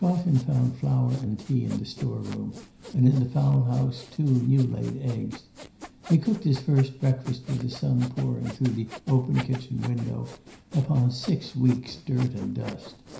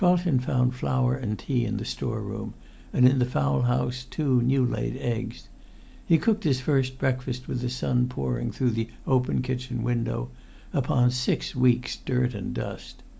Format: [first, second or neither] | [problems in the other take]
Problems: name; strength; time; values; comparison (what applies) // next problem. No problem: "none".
second | background sound (Sawing); 19 dB below the speech // room echo; dies away in 0.5 s